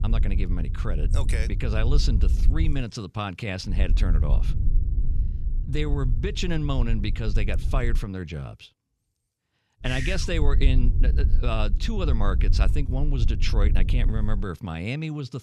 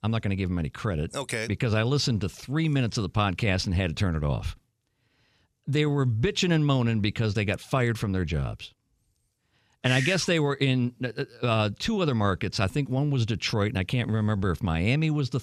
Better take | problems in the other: second | low rumble; noticeable; until 3 s, from 3.5 to 8 s and from 10 to 14 s; 10 dB below the speech

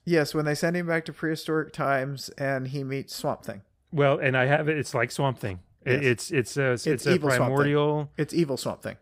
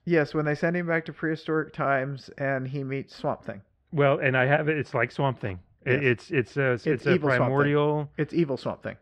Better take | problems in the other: first | muffled; slightly; fading above 2.5 kHz

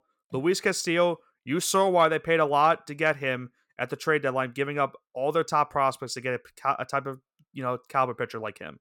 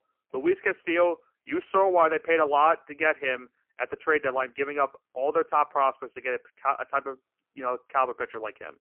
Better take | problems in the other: first | phone-call audio; poor line; nothing above 3 kHz

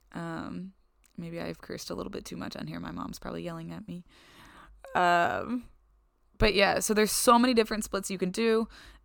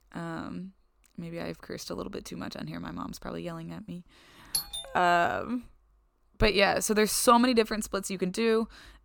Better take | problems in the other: first | doorbell; noticeable; at 4.5 s; peak 3 dB below the speech

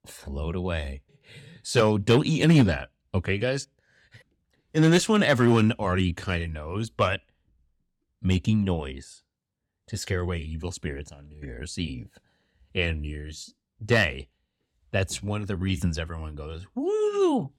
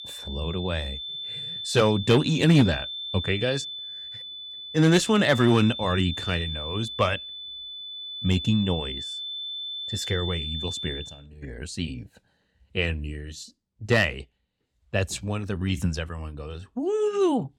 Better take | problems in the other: first | high-pitched whine; loud; until 11 s; 3.5 kHz, 7 dB below the speech

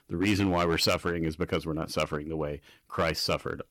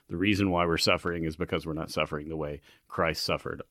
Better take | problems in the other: second | distortion; slight; 4% of the sound clipped

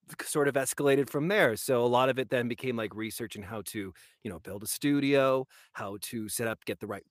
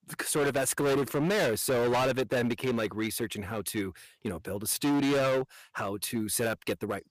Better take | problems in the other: first | distortion; heavy; 17% of the sound clipped

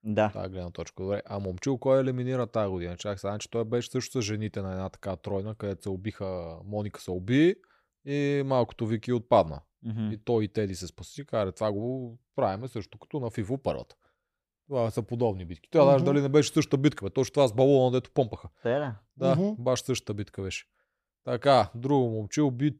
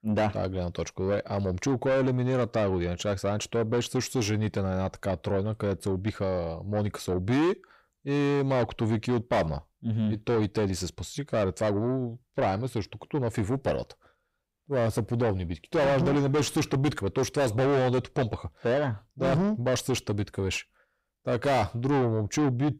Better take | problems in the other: first | distortion; heavy; 5 dB below the speech

